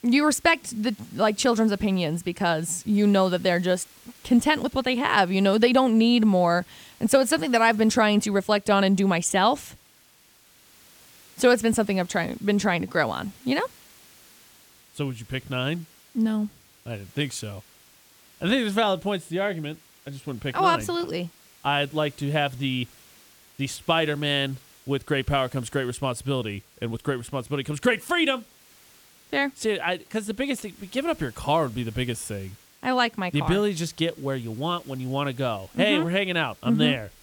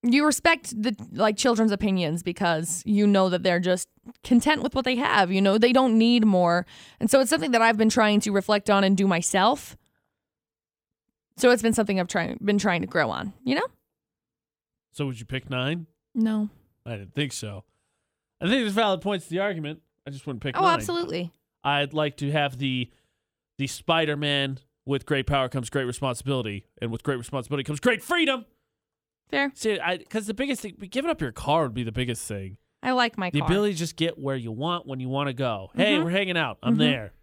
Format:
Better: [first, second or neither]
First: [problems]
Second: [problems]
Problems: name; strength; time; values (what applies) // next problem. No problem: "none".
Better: second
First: hiss; faint; throughout; 25 dB below the speech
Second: none